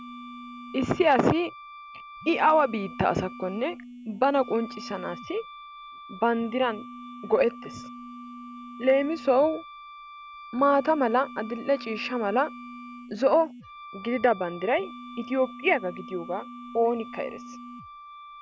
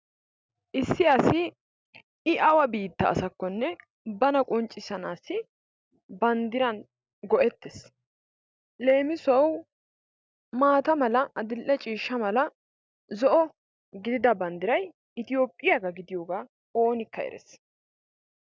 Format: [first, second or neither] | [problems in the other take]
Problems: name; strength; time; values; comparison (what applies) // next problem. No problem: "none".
second | background sound (Wind instrument, woodwind instrument + Telephone); 15 dB below the speech